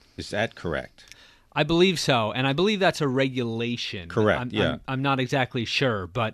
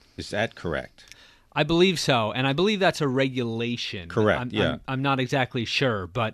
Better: neither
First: none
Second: none

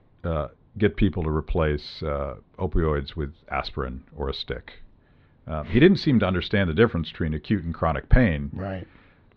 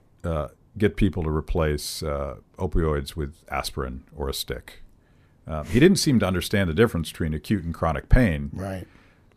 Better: second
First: muffled; slightly; fading above 4 kHz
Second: none

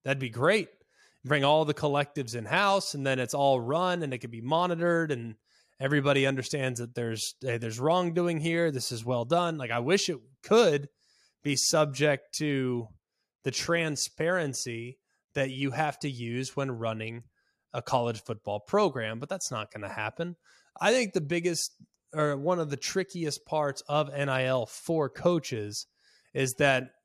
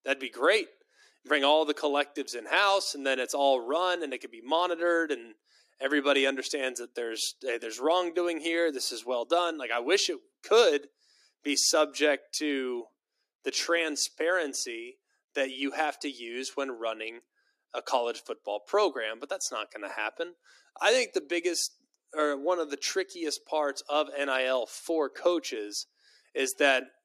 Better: first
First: none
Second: thin; somewhat; fading below 300 Hz

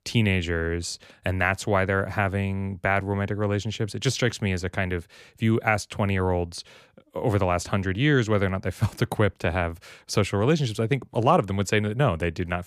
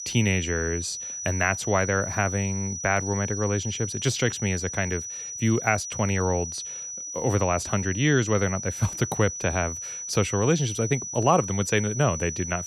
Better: first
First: none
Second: high-pitched whine; loud; throughout; 6 kHz, 6 dB below the speech

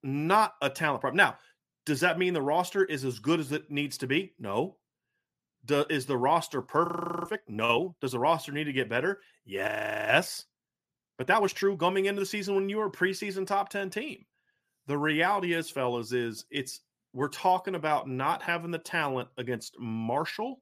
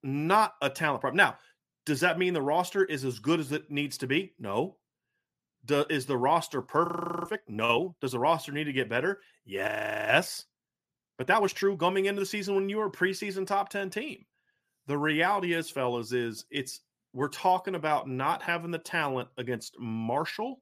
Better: neither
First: audio freezing; at 7 s and at 9.5 s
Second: audio freezing; at 7 s and at 9.5 s

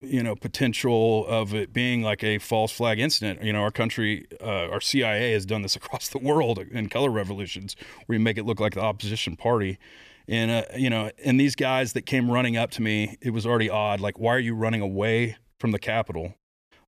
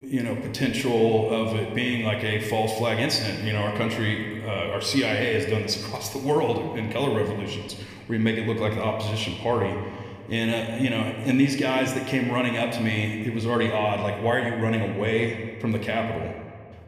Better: first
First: none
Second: room echo; slight; dies away in 1.4 s

